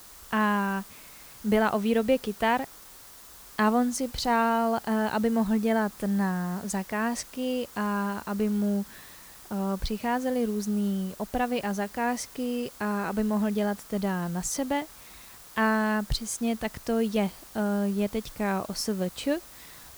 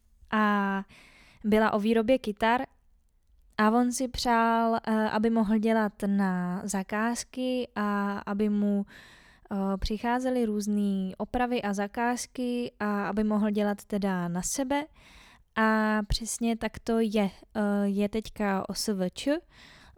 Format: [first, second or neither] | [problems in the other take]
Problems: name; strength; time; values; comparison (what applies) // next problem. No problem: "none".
second | hiss; noticeable; throughout; 20 dB below the speech